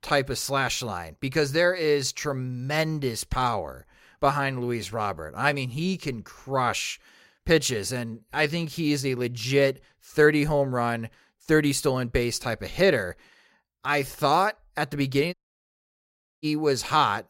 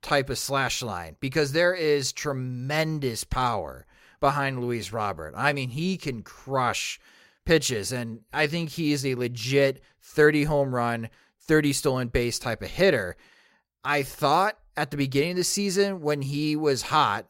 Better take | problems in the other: second | audio cutting out; at 15 s for 1 s

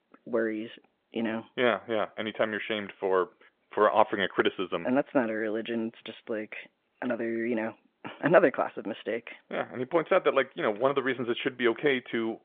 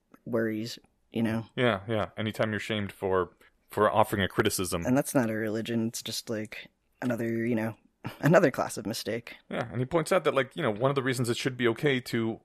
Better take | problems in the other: second | phone-call audio; nothing above 3.5 kHz

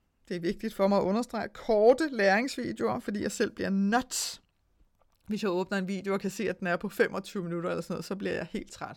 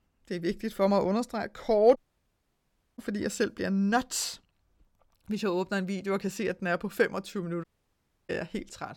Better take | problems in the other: first | audio cutting out; at 2 s for 1 s and at 7.5 s for 0.5 s

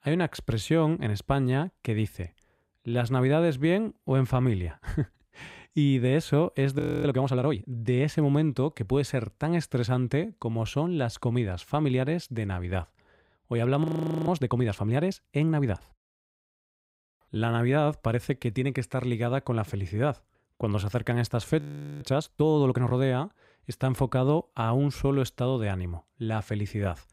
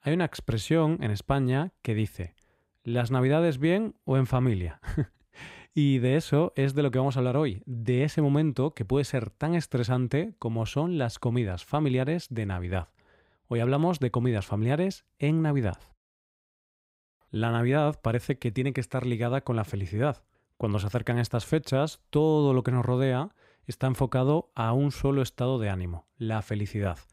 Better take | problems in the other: second | audio freezing; at 7 s, at 14 s and at 22 s

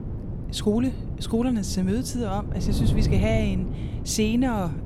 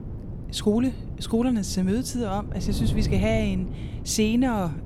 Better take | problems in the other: second | wind noise on the microphone; heavy; 10 dB below the speech; occasional gusts in the second

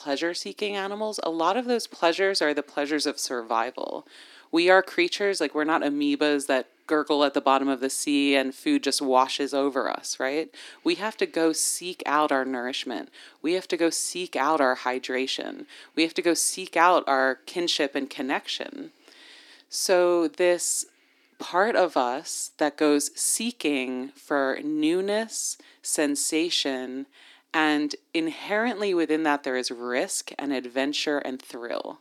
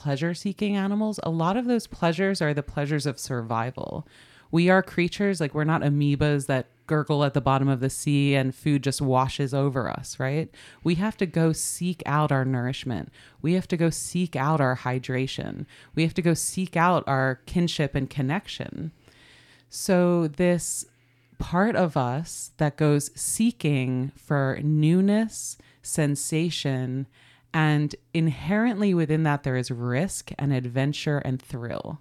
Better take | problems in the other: second | thin; somewhat; fading below 300 Hz

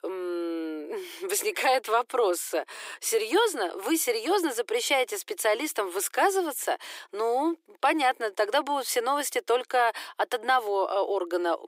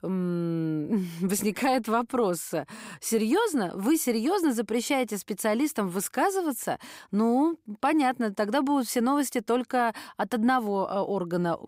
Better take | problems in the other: second | thin; very; fading below 350 Hz

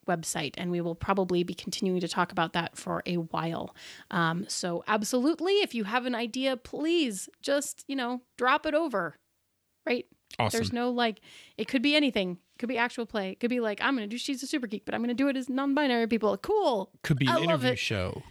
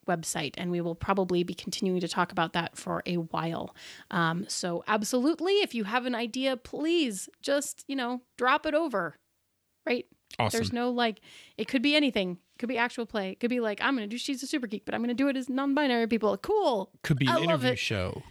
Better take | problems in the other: neither | none

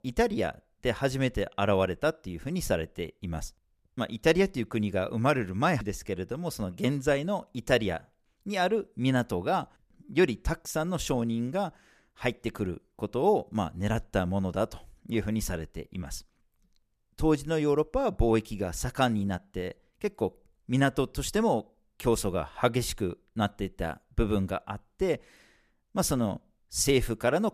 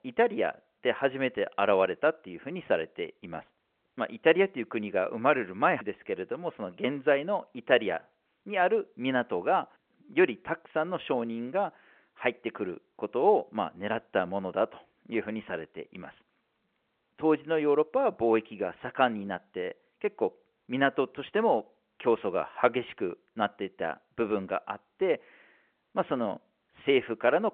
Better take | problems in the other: first | phone-call audio

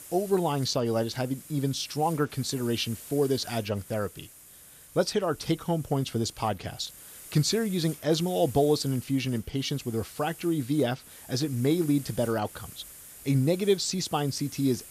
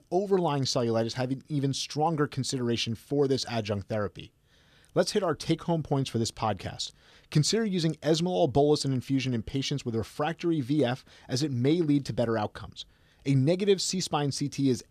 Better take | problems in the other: second | hiss; noticeable; throughout; 15 dB below the speech

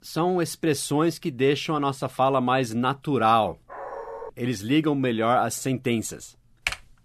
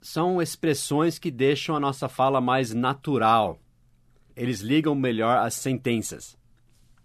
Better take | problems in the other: second | dog barking; faint; at 3.5 s; peak 10 dB below the speech // keyboard typing; noticeable; at 6.5 s; peak 6 dB below the speech

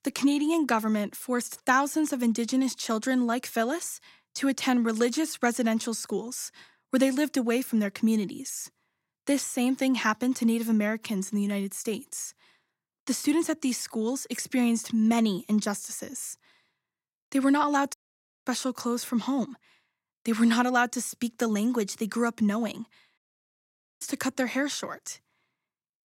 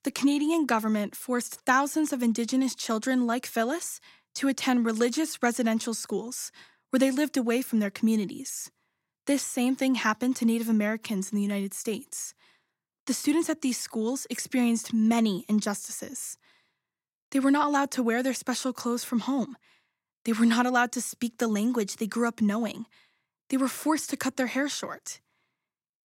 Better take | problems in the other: second | audio cutting out; at 18 s for 0.5 s and at 23 s for 1 s

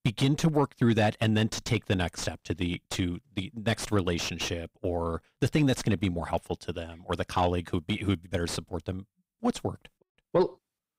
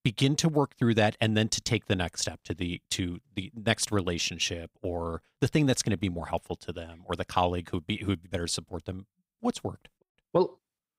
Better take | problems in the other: second | distortion; slight; 10 dB below the speech

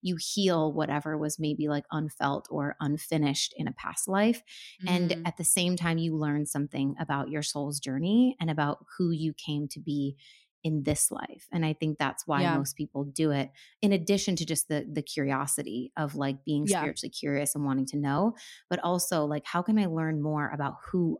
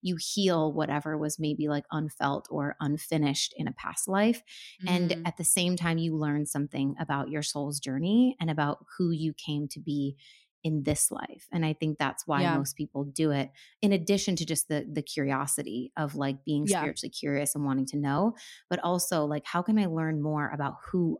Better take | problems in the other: neither | none

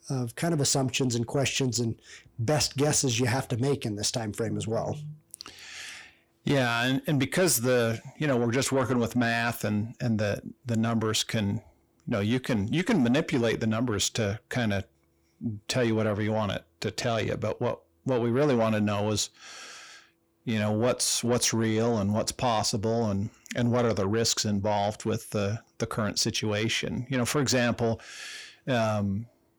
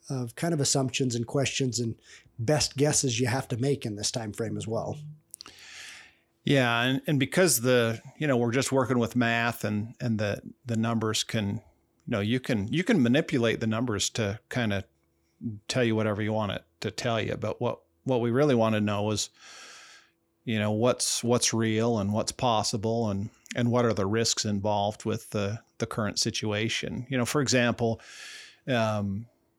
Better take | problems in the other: second | distortion; slight; 10 dB below the speech

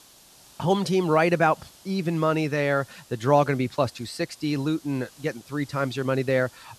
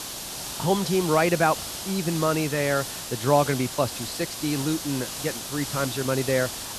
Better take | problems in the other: first | hiss; loud; throughout; 6 dB below the speech; faint in the first

